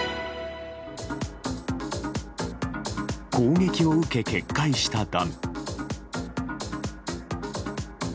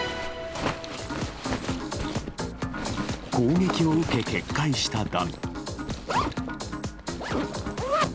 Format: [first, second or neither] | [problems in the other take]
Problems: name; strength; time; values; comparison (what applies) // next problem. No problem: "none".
first | background sound (Zipper (clothing)); 4 dB below the speech